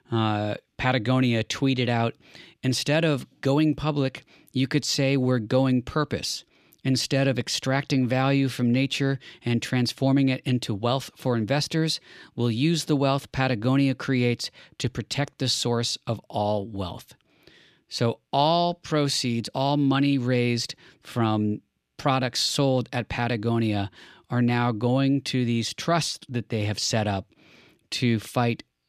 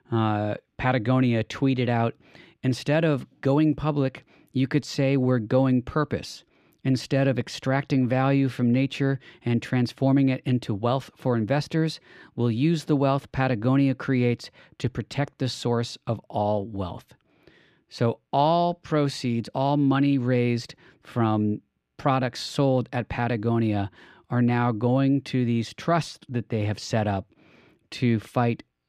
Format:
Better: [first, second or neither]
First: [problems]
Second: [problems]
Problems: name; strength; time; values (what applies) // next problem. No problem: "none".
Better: first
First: none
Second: muffled; slightly; fading above 2.5 kHz